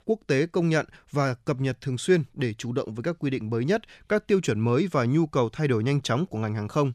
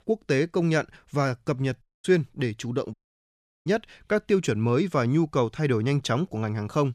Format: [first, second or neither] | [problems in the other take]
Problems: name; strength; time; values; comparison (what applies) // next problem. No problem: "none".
first | audio cutting out; at 2 s and at 3 s for 0.5 s